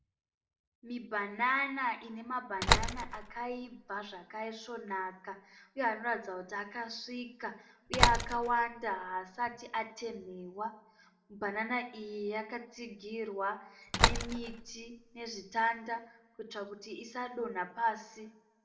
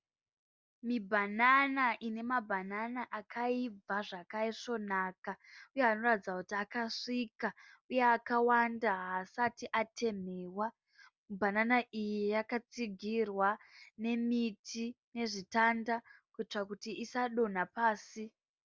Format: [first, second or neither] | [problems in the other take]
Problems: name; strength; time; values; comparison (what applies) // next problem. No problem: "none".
second | background sound (Slam); 4 dB above the speech // room echo; dies away in 0.5 s